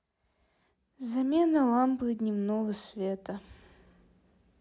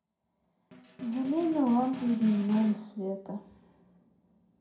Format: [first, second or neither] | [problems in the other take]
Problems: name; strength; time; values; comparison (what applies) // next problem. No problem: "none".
first | background sound (Snare drum); 14 dB below the speech // room echo; dies away in 0.5 s